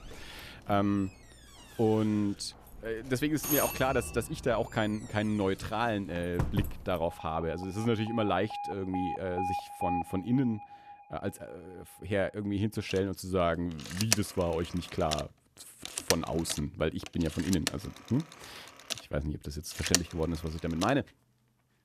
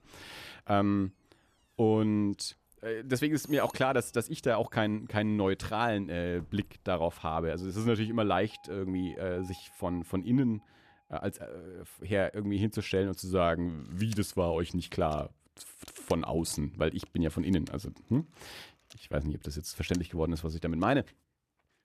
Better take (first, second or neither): second